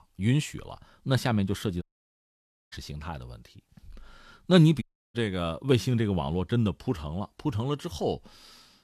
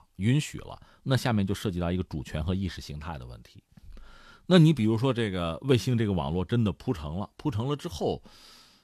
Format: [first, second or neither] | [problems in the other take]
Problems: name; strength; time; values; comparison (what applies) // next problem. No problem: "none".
second | audio cutting out; at 2 s for 1 s and at 5 s